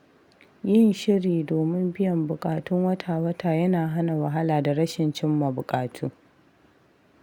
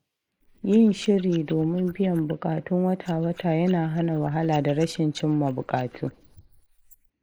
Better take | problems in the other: first | noise reduction (neural mask model Resemble Enhance denoiser)

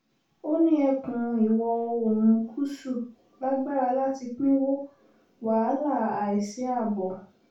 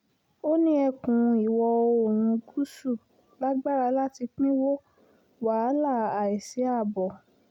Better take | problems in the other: second | room echo; dies away in 0.3 s

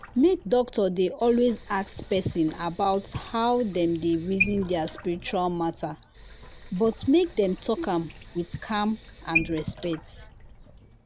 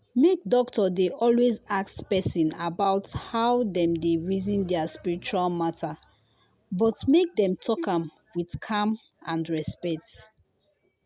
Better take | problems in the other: second | background sound (Sink (filling or washing) / Water tap, faucet); 12 dB below the speech

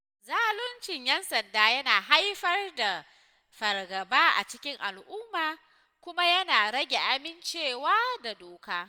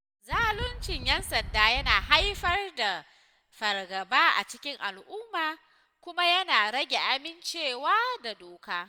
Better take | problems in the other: first | background sound (Wind); 7 dB below the speech

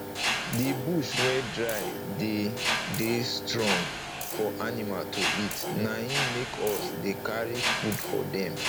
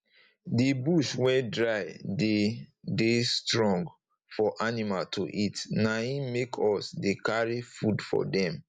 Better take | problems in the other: second | background sound (Mechanisms); as loud as the speech

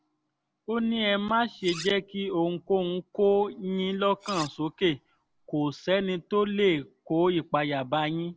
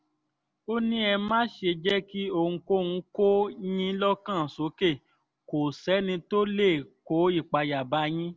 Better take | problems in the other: second | background sound (Cutlery, silverware); 17 dB below the speech

